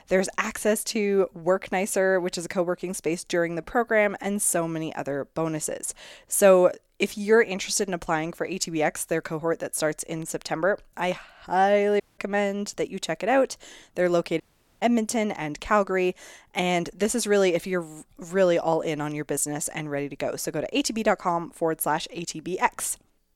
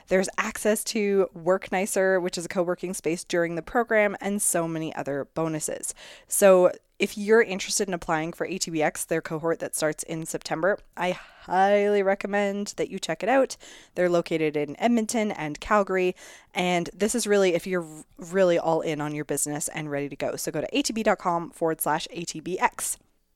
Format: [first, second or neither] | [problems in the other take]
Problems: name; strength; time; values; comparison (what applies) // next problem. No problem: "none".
second | audio cutting out; at 12 s and at 14 s